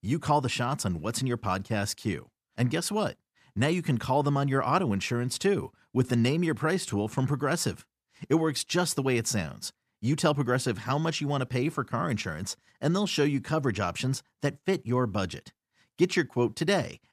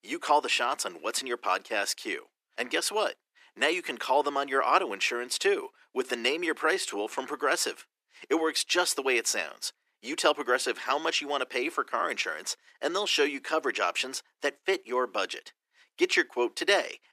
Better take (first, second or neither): first